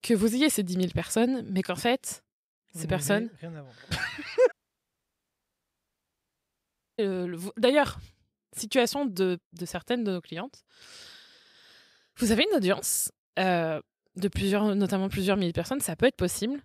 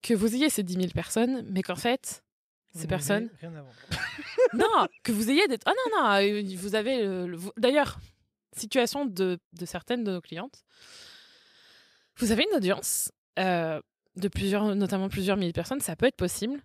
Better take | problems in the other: second | audio cutting out; at 4.5 s for 2.5 s

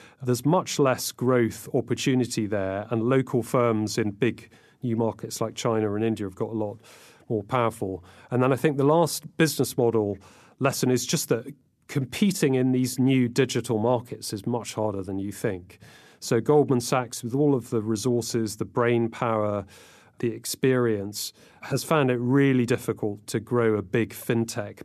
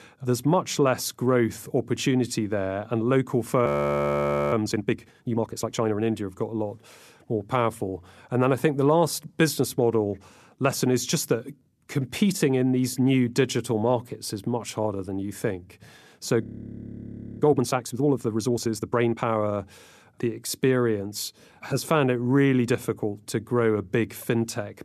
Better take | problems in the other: first | audio freezing; at 3.5 s for 1 s and at 16 s for 1 s

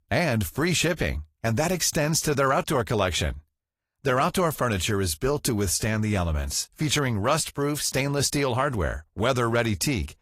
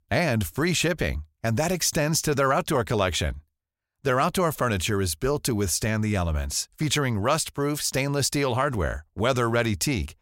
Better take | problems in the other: second | garbled, watery; slightly; nothing above 14.5 kHz

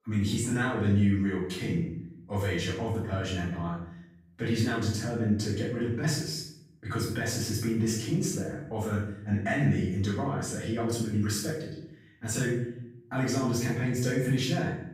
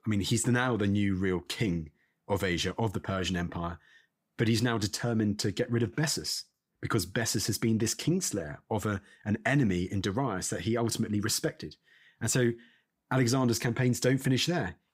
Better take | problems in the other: second | room echo; noticeable; dies away in 0.6 s // off-mic speech; far

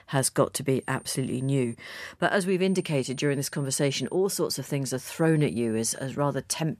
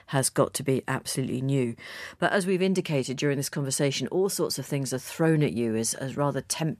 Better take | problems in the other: second | high-pitched whine; faint; at 1 s, from 2.5 to 4 s and from 5 to 6 s; 9 kHz, 25 dB below the speech

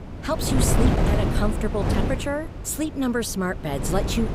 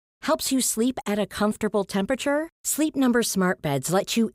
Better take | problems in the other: second | wind noise on the microphone; heavy; 2 dB below the speech

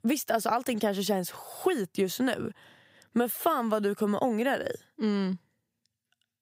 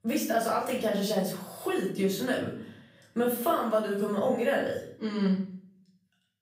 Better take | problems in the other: first | off-mic speech; far // room echo; noticeable; dies away in 0.6 s

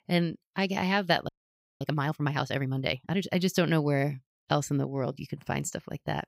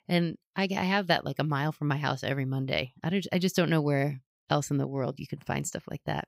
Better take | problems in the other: second | audio freezing; at 1.5 s for 0.5 s

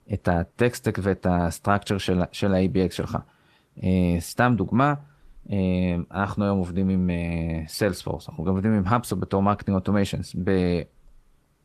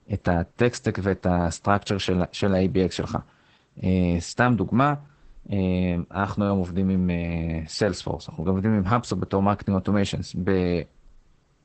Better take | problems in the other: first | garbled, watery; badly; nothing above 8 kHz; slightly in the first

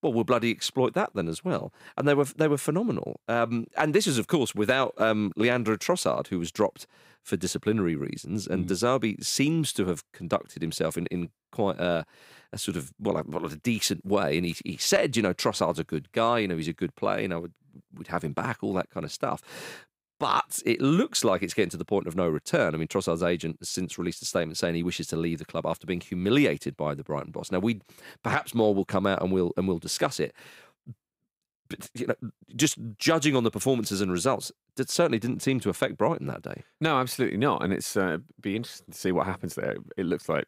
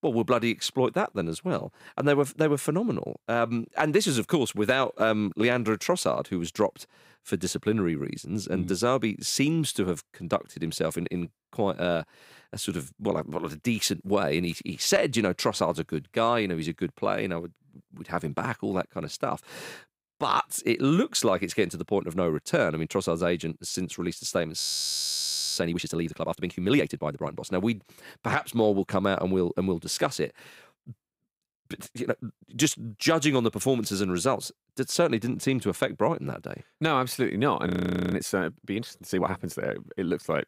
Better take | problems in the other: first | audio freezing; at 25 s for 1 s and at 38 s

